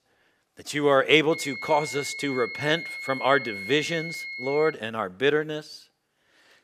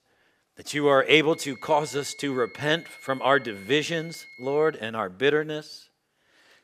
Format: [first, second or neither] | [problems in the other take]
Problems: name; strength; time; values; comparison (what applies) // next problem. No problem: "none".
second | high-pitched whine; loud; from 1.5 to 4.5 s; 2 kHz, 9 dB below the speech; faint in the second